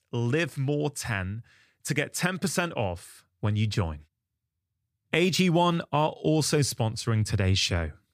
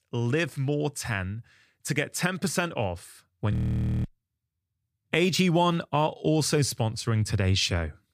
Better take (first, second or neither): first